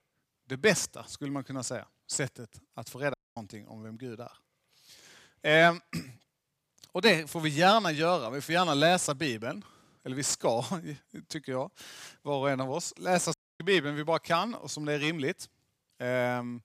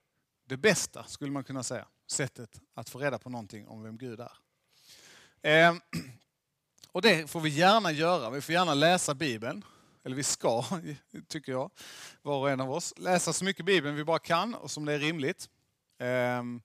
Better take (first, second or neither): second